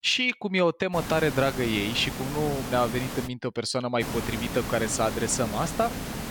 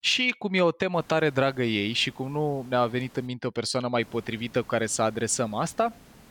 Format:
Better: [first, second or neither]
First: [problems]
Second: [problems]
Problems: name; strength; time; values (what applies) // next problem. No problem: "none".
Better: second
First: hiss; loud; from 1 to 3.5 s and from 4 s on; 7 dB below the speech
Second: hiss; faint; from 1 to 3.5 s and from 4 s on; 25 dB below the speech